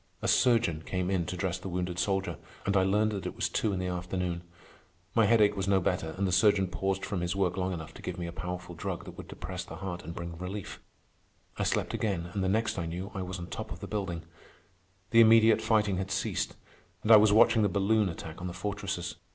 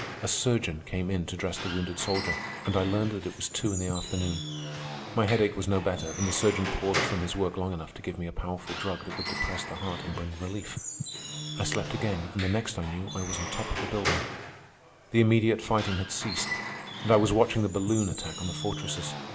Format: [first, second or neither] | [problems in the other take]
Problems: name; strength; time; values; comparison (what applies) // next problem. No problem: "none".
first | background sound (Squeak / Wood); 7 dB below the speech